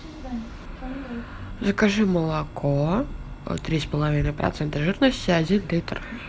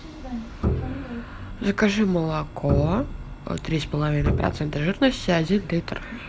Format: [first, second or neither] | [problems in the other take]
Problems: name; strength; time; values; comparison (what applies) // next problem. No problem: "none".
first | background sound (Bowed string instrument); 5 dB below the speech